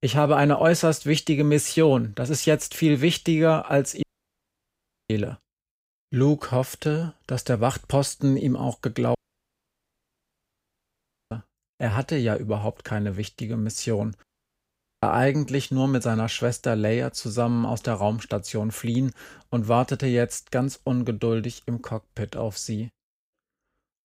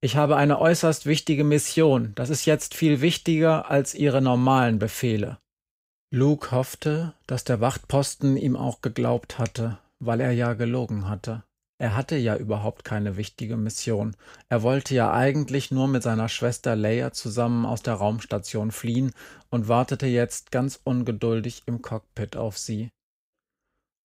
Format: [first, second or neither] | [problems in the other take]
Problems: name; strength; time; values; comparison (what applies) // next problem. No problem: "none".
second | audio cutting out; at 4 s for 1 s, at 9 s for 2 s and at 14 s for 1 s